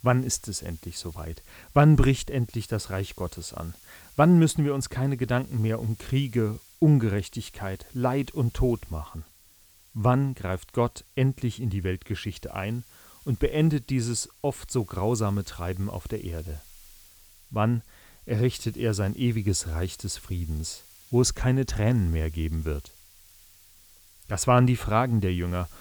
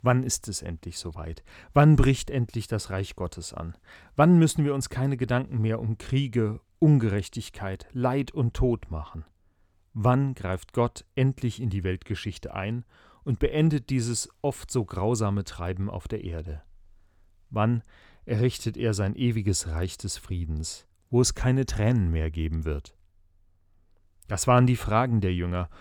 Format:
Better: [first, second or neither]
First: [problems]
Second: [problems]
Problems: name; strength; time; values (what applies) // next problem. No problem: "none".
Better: second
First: hiss; faint; throughout; 25 dB below the speech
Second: none